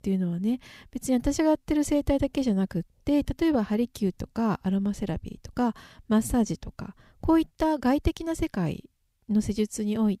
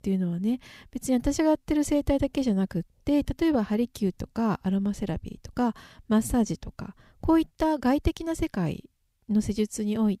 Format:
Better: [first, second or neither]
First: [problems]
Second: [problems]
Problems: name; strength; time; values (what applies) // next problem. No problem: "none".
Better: neither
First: none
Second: none